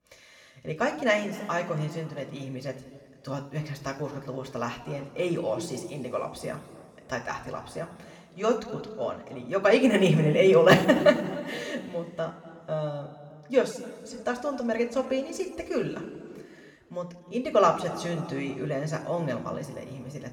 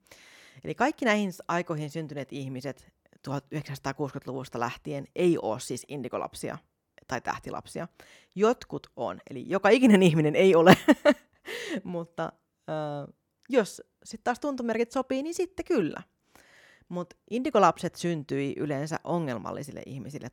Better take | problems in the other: second | room echo; slight; dies away in 1.9 s // off-mic speech; somewhat distant

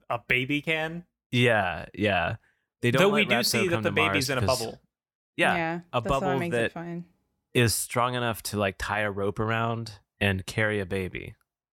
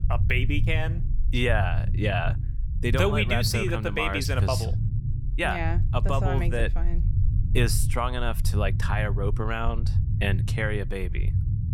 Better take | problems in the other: first | low rumble; noticeable; throughout; 15 dB below the speech

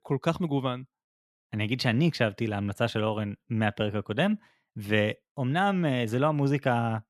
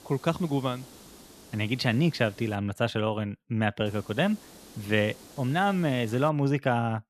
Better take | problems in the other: first | hiss; faint; until 2.5 s and from 4 to 6.5 s; 20 dB below the speech

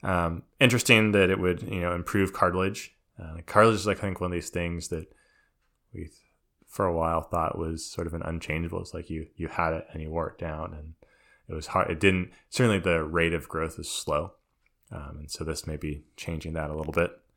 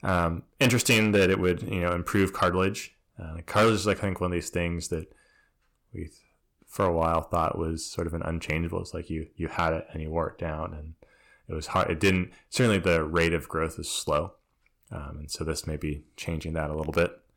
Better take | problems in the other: first | distortion; slight; 1.9% of the sound clipped

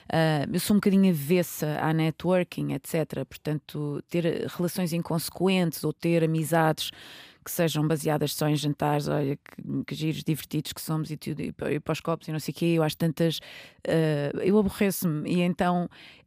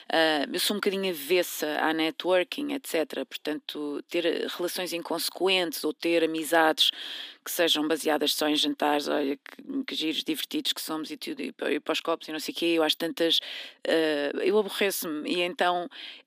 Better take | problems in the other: first | thin; somewhat; fading below 250 Hz

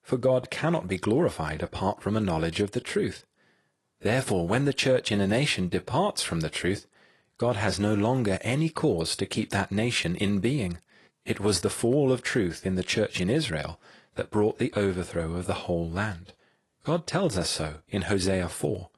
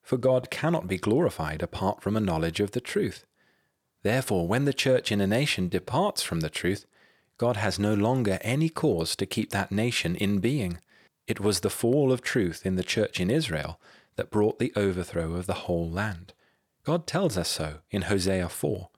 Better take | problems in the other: second | garbled, watery; slightly; nothing above 11 kHz

